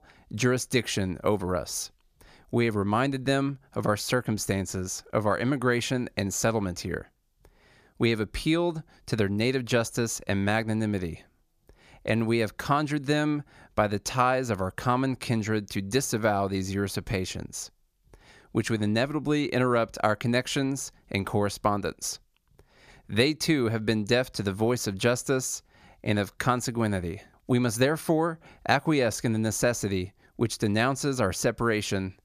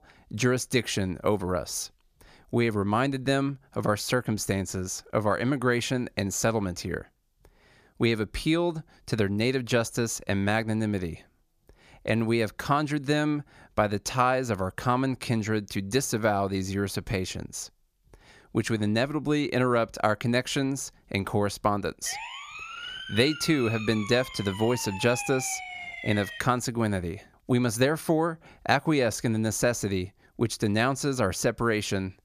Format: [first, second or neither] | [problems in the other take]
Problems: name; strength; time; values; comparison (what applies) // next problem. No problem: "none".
first | siren; noticeable; from 22 to 26 s; peak 7 dB below the speech